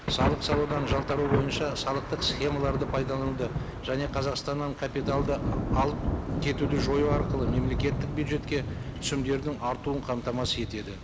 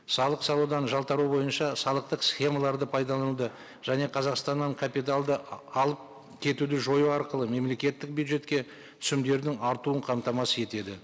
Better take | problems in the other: second | background sound (Thunder / Rain); 1 dB below the speech

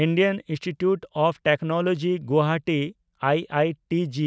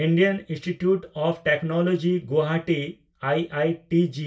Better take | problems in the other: first | room echo; dies away in 0.2 s

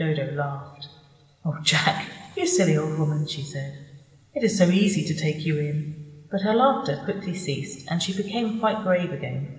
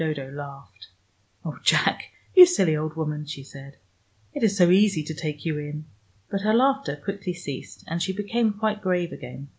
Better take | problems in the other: second | room echo; dies away in 2.5 s

